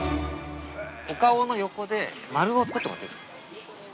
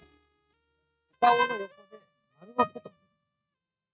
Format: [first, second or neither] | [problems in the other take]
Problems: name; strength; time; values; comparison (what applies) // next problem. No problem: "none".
first | noise reduction (neural mask model RNNoise)